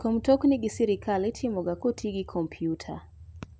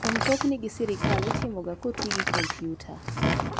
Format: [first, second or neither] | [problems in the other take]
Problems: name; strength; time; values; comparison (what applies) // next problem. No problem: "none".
first | background sound (Door); 2 dB above the speech